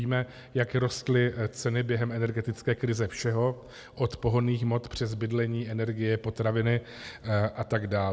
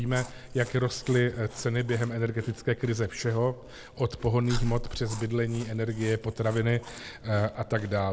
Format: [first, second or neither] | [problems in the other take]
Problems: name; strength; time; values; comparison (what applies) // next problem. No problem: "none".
first | background sound (Chewing, mastication); 12 dB below the speech